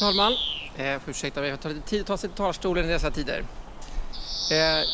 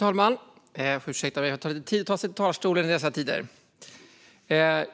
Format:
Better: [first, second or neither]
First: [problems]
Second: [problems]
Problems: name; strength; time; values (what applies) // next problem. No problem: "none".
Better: second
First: background sound (Bird vocalization, bird call, bird song); 2 dB below the speech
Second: none